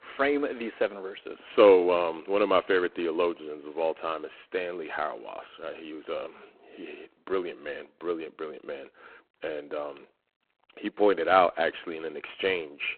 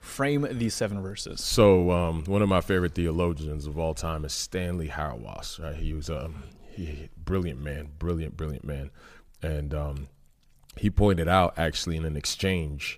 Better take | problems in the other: second | phone-call audio; poor line

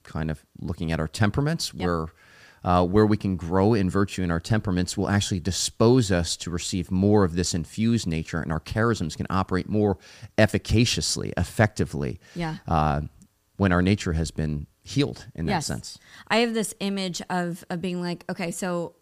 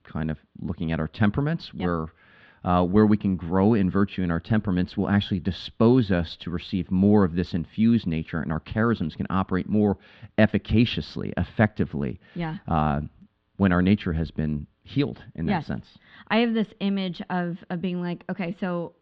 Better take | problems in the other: first | muffled; slightly; fading above 3.5 kHz

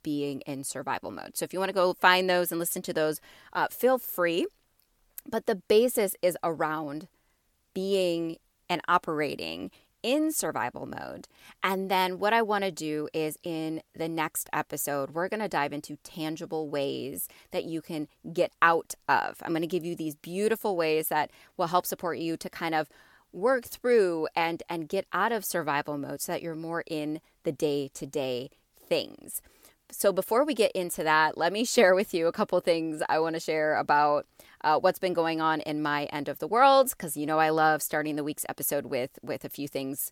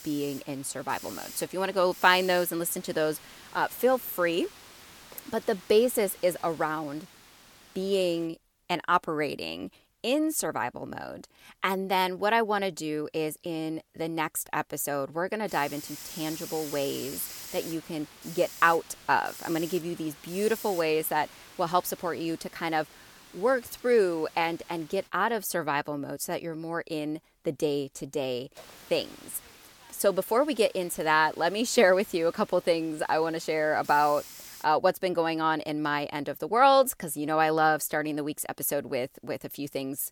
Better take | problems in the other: first | hiss; noticeable; until 8.5 s, from 15 to 25 s and from 29 to 35 s; 15 dB below the speech

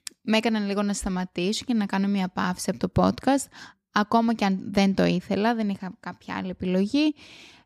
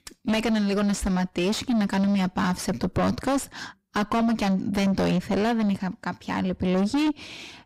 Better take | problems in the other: first | distortion; heavy; 5 dB below the speech

